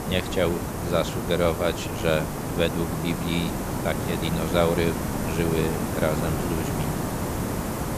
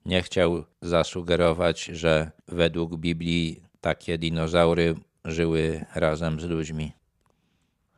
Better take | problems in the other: second | hiss; loud; throughout; 2 dB below the speech

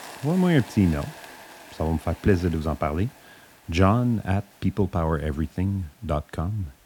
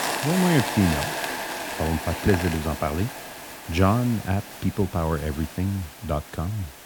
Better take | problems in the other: first | hiss; loud; throughout; 6 dB below the speech; faint in the first

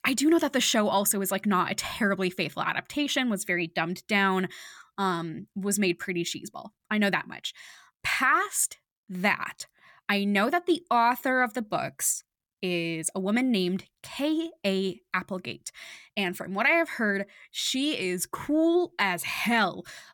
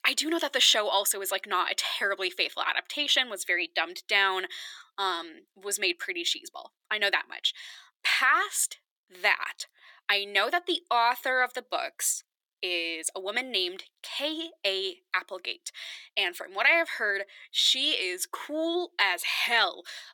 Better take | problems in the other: first | thin; very; fading below 350 Hz

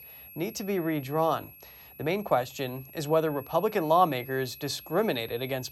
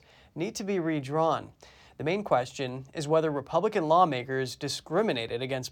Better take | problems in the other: second | high-pitched whine; noticeable; throughout; 11.5 kHz, 15 dB below the speech

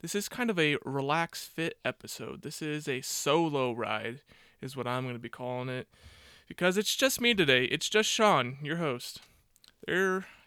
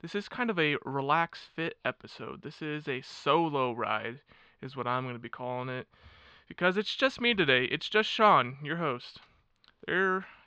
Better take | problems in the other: first | muffled; slightly; fading above 4 kHz

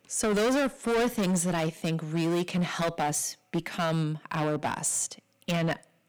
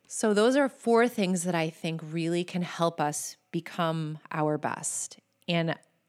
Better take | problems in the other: second | distortion; heavy; 15% of the sound clipped

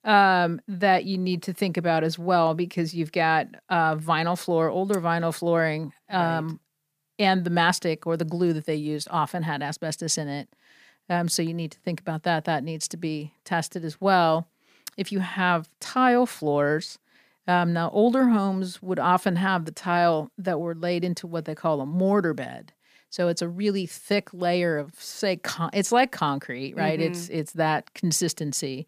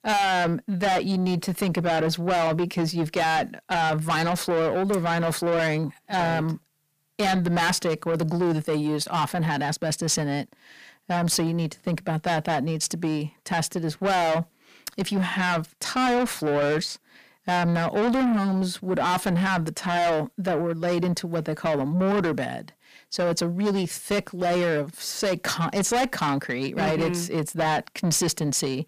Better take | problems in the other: first | distortion; heavy; 6 dB below the speech

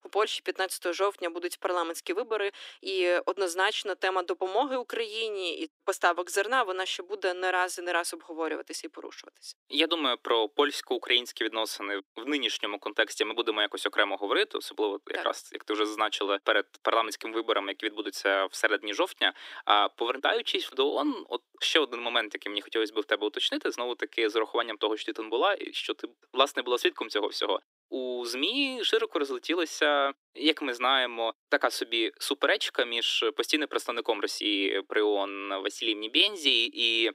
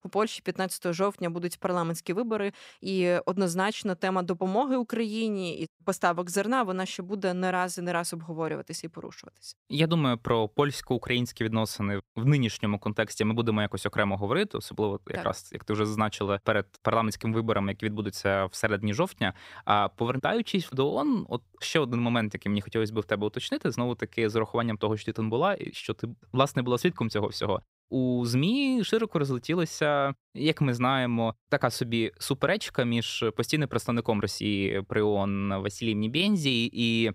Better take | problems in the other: second | thin; somewhat; fading below 300 Hz

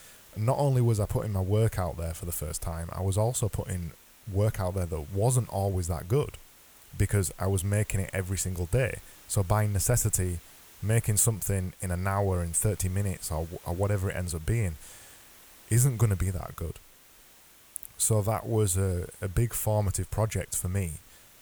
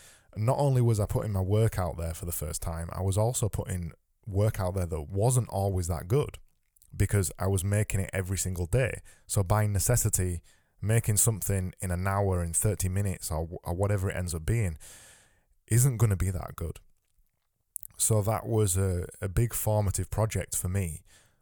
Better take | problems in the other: second | hiss; faint; throughout; 20 dB below the speech

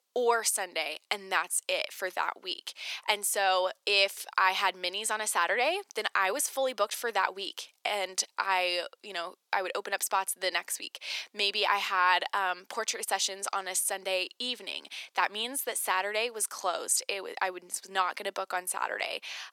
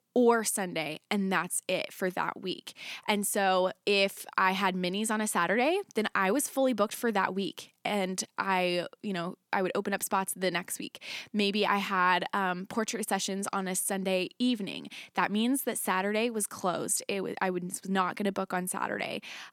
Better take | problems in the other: second | thin; very; fading below 500 Hz

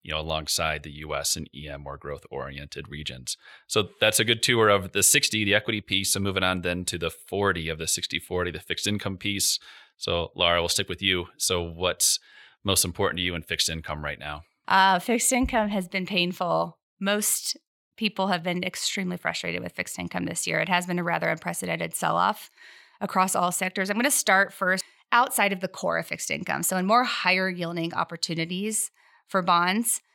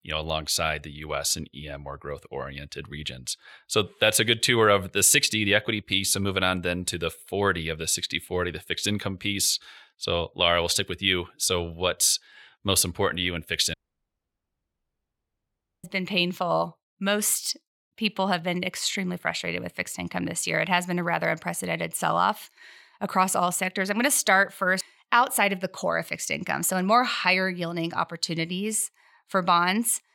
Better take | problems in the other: first | audio cutting out; at 14 s for 2 s

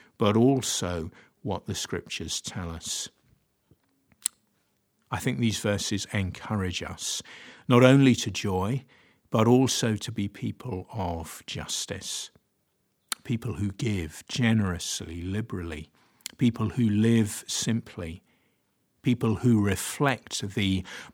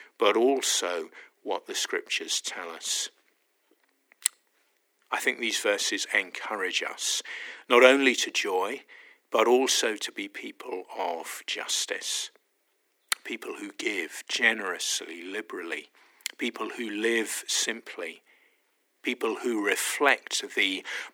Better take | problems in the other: first | thin; very; fading below 300 Hz

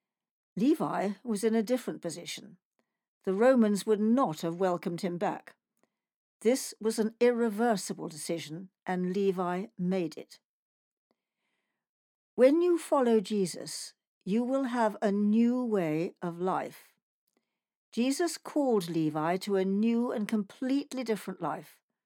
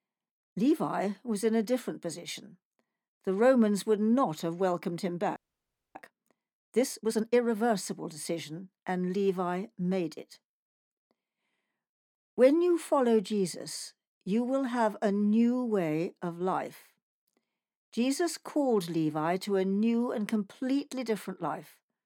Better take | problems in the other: first | audio freezing; at 5.5 s for 0.5 s

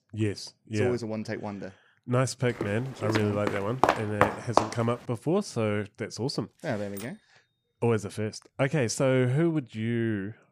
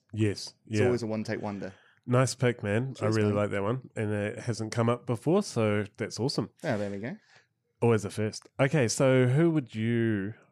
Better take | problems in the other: second | footsteps; loud; from 2.5 to 4.5 s; peak 4 dB above the speech // keyboard typing; faint; at 7 s; peak 15 dB below the speech

